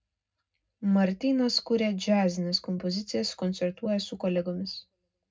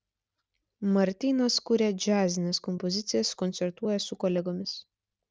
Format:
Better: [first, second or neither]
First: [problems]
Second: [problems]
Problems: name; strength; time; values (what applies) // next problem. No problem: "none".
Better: second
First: room echo; dies away in 0.3 s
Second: none